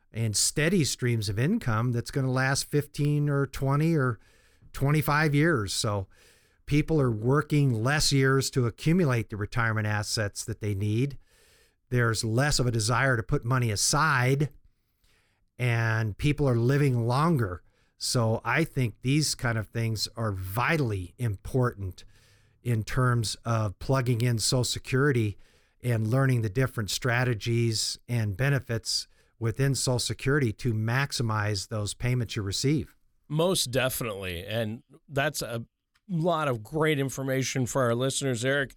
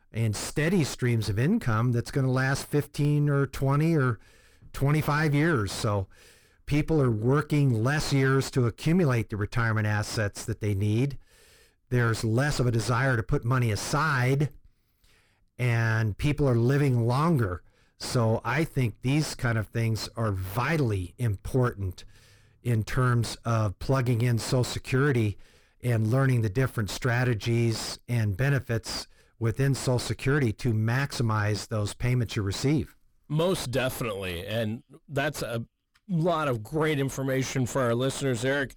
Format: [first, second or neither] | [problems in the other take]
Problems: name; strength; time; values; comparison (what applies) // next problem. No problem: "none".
first | distortion; slight; 9 dB below the speech